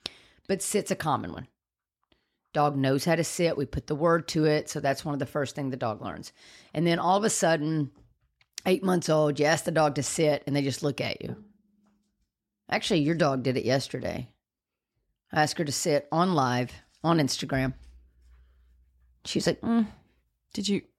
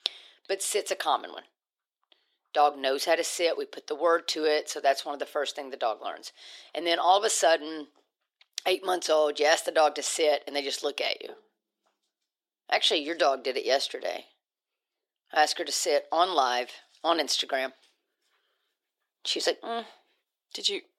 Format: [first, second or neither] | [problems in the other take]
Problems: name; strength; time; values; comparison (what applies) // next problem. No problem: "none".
first | thin; very; fading below 400 Hz